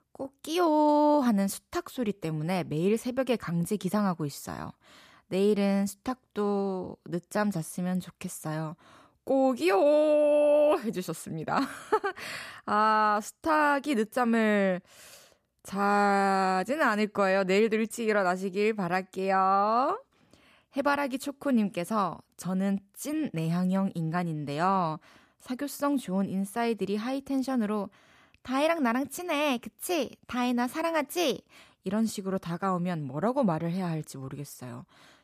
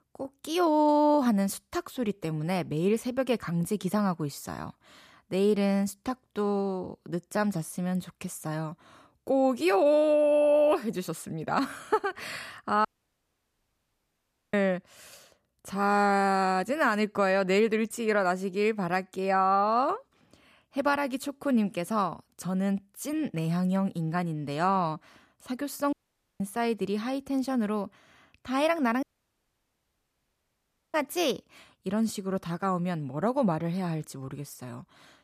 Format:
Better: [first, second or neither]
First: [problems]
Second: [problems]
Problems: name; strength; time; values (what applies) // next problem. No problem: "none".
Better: first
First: none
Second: audio cutting out; at 13 s for 1.5 s, at 26 s and at 29 s for 2 s